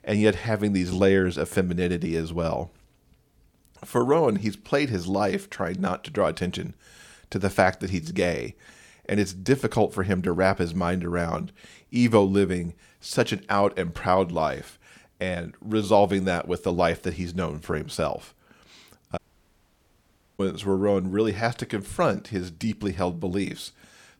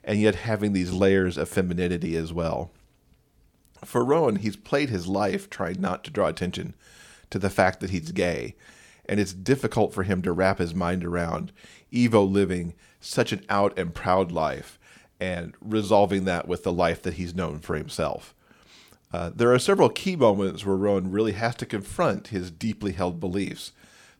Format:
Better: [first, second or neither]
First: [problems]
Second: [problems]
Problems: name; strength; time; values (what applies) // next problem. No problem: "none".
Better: second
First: audio cutting out; at 19 s for 1 s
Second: none